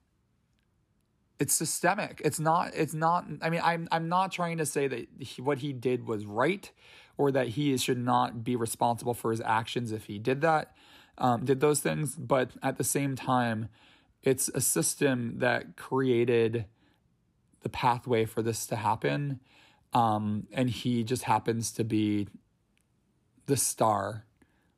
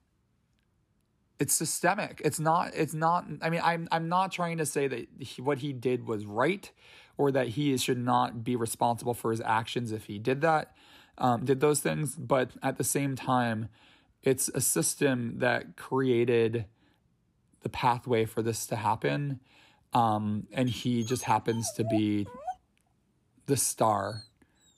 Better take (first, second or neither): first